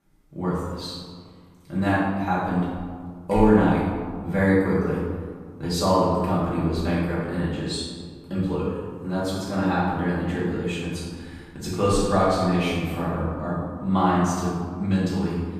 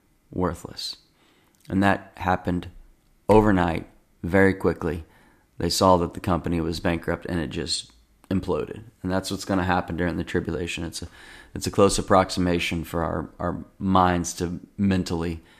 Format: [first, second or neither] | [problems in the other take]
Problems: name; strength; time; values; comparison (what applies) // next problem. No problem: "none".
second | room echo; strong; dies away in 1.6 s // off-mic speech; far